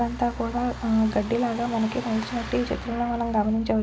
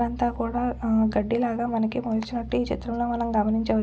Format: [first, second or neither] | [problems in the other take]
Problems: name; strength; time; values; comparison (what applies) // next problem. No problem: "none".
second | background sound (Truck); 15 dB below the speech